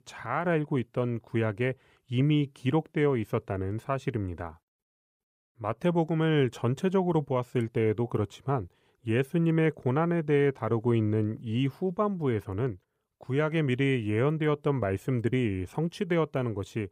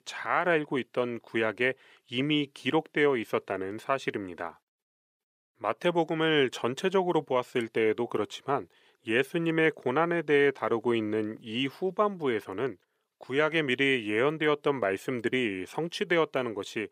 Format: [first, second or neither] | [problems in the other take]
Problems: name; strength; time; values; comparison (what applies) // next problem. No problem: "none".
first | thin; somewhat; fading below 300 Hz